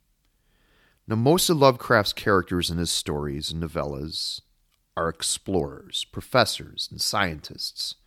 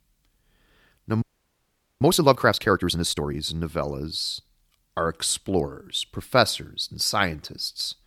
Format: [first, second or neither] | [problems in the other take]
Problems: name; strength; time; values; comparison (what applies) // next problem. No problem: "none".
first | audio freezing; at 1 s for 1 s